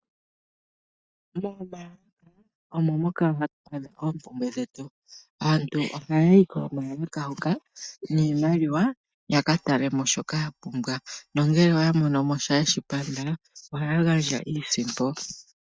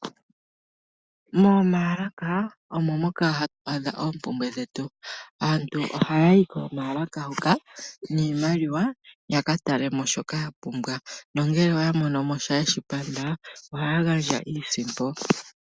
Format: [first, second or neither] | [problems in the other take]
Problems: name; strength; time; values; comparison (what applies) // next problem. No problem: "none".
second | noise reduction (neural mask model DeepFilterNet 3)